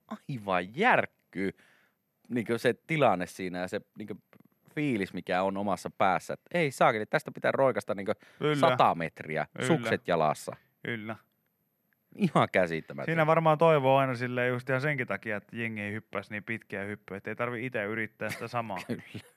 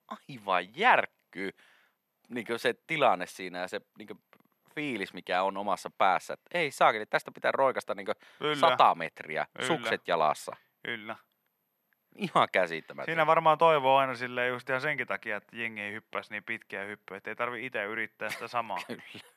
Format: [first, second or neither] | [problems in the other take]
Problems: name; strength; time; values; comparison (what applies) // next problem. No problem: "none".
first | thin; somewhat; fading below 450 Hz